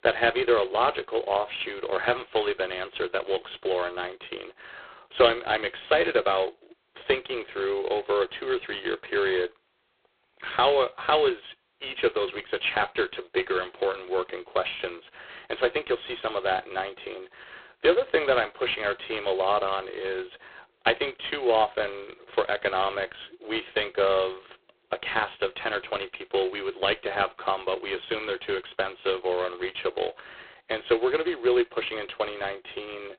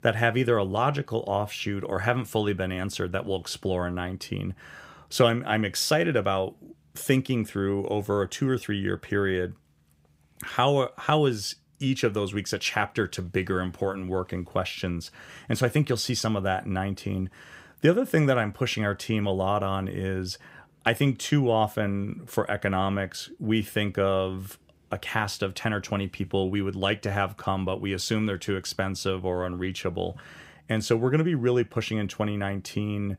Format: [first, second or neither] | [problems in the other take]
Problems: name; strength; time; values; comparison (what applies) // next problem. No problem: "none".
second | phone-call audio; poor line; nothing above 3.5 kHz